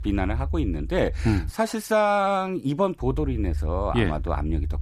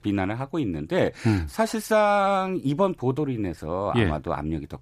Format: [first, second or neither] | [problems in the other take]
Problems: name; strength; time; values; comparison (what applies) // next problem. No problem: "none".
second | low rumble; faint; until 1.5 s and from 3 s on; 25 dB below the speech